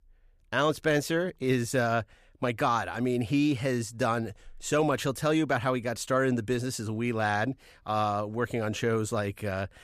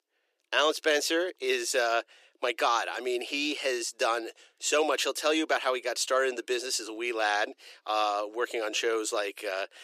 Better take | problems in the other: first | thin; very; fading below 350 Hz

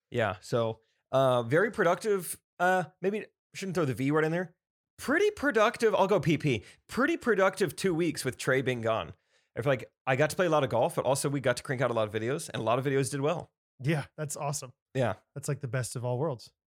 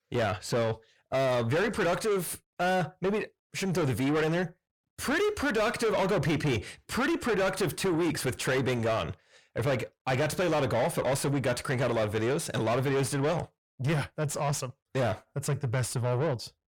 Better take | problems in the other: first | distortion; heavy; 6 dB below the speech

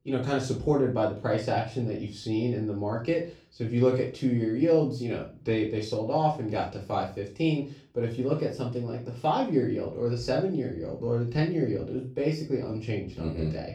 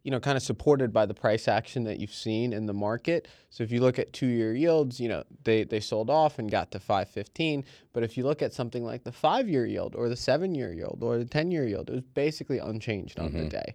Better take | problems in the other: second | room echo; slight; dies away in 0.3 s // off-mic speech; far

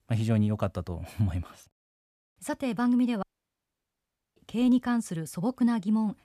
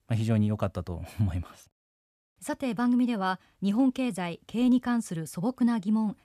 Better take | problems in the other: second | audio cutting out; at 3 s for 1 s

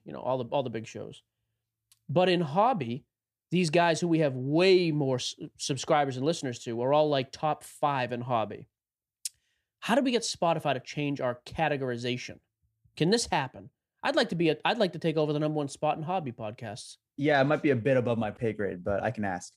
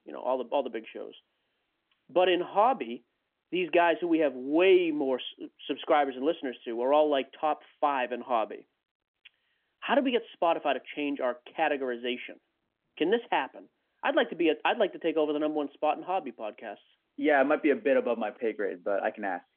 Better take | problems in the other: first | phone-call audio; nothing above 3.5 kHz

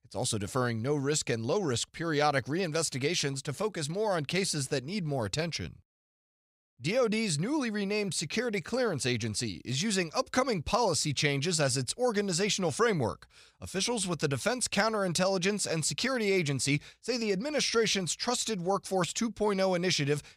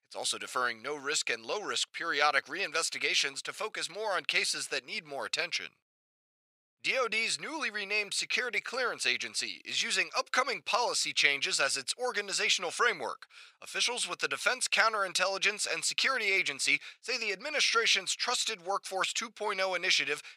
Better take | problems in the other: first | thin; very; fading below 550 Hz

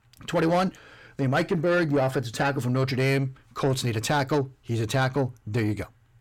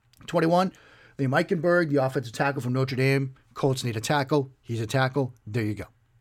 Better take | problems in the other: second | distortion; slight; 10 dB below the speech

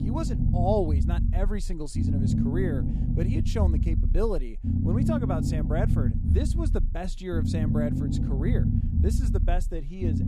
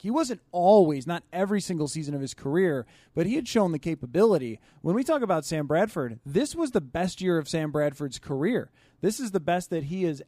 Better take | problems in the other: second | low rumble; loud; throughout; 3 dB below the speech

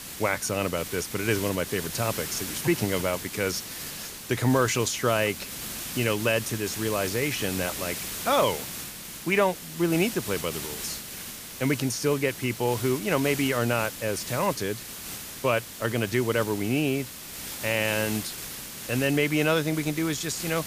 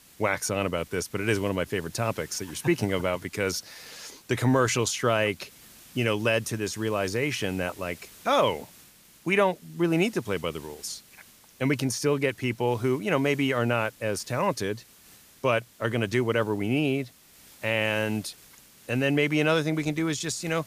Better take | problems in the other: second | hiss; loud; throughout; 8 dB below the speech; faint in the second

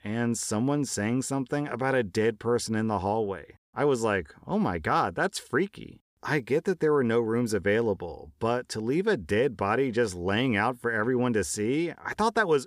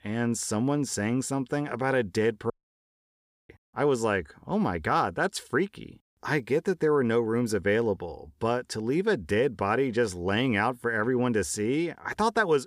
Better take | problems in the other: first | audio cutting out; at 2.5 s for 1 s

